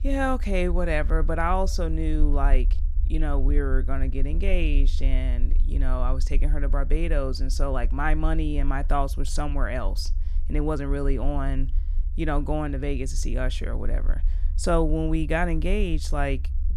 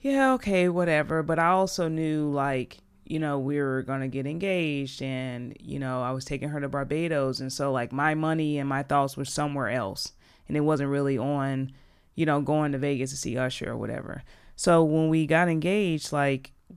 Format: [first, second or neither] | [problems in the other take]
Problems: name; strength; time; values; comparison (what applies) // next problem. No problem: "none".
second | low rumble; faint; throughout; 20 dB below the speech